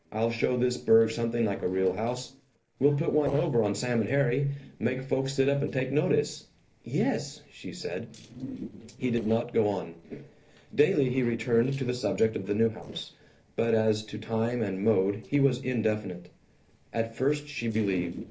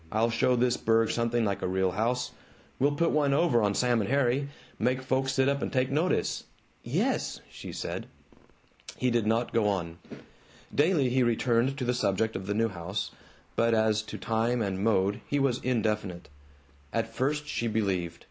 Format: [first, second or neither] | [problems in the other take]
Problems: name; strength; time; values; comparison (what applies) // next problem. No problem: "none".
second | noise reduction (neural separator model SepFormer DNS4)